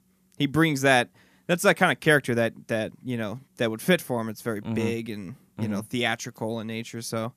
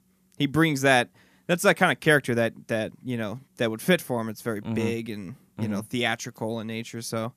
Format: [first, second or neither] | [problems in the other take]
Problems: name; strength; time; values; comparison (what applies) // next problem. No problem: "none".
neither | none